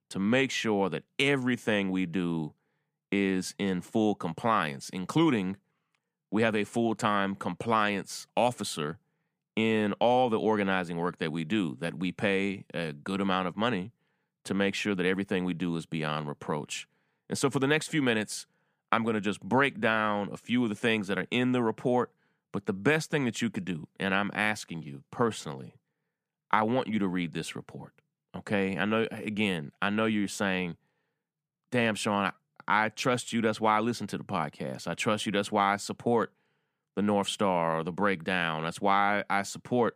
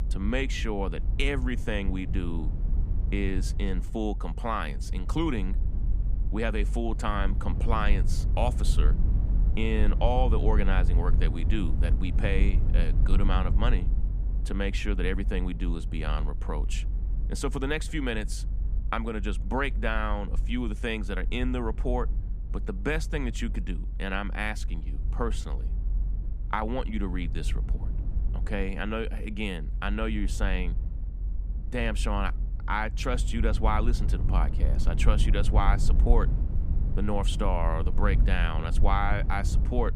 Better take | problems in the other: first | low rumble; noticeable; throughout; 15 dB below the speech

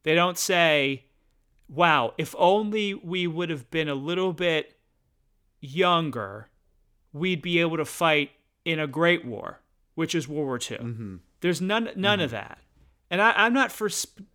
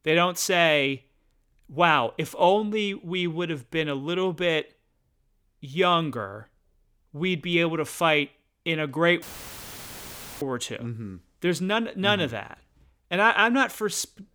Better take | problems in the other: first | audio cutting out; filled with static; at 9 s for 1 s

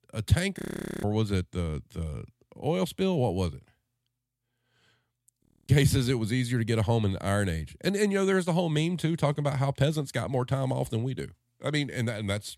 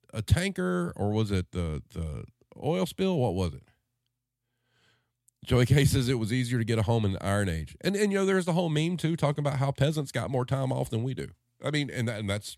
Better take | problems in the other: second | audio freezing; at 0.5 s and at 5.5 s

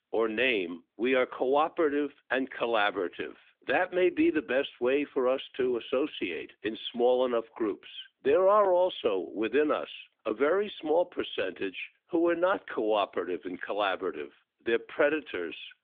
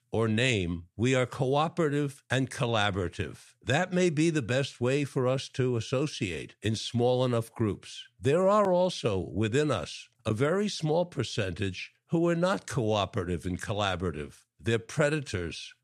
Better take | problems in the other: second | phone-call audio; nothing above 3.5 kHz

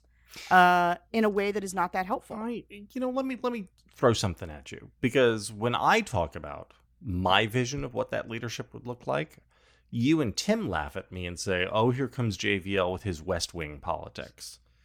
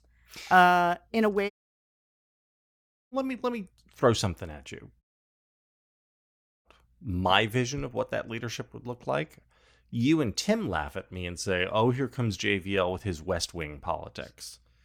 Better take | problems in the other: first | audio cutting out; at 1.5 s for 1.5 s and at 5 s for 1.5 s

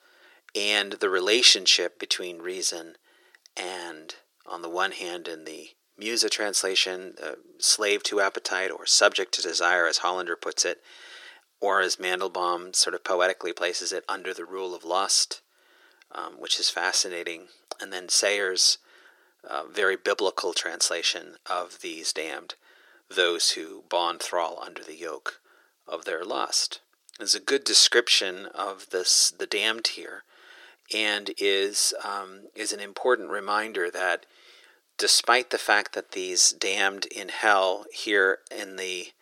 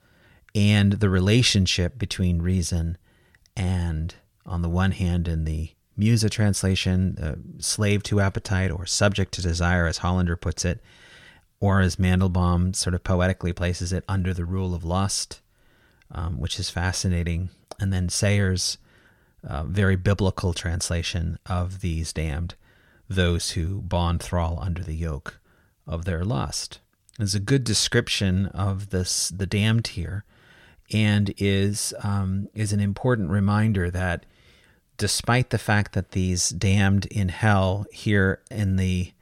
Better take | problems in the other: second | thin; very; fading below 350 Hz

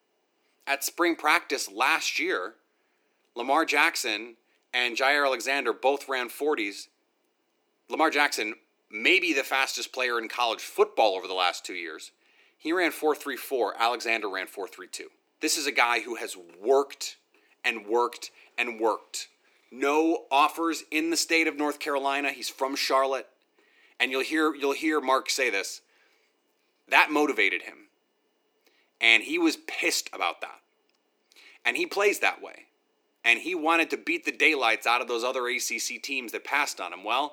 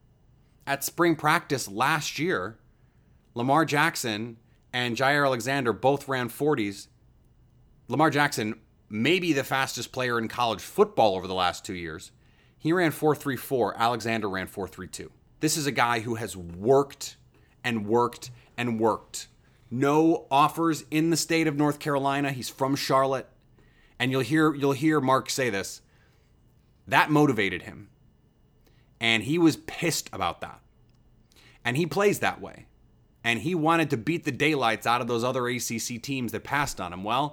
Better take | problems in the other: second | thin; somewhat; fading below 300 Hz

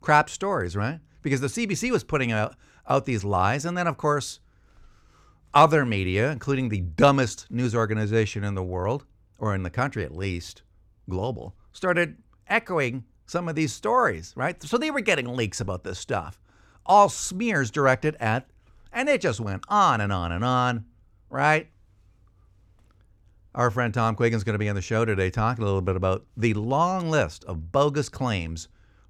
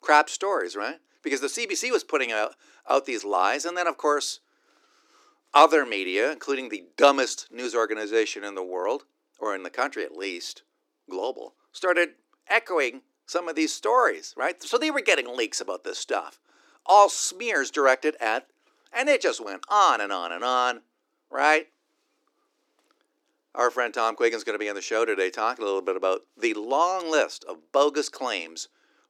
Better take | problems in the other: first | thin; very; fading below 300 Hz

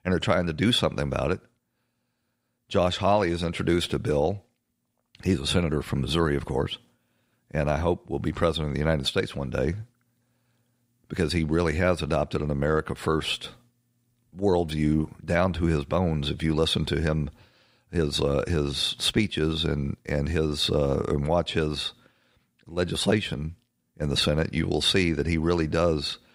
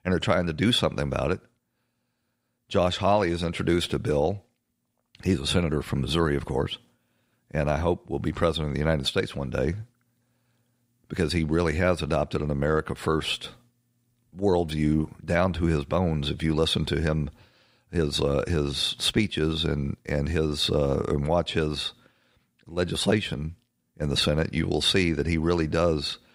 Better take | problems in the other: neither | none

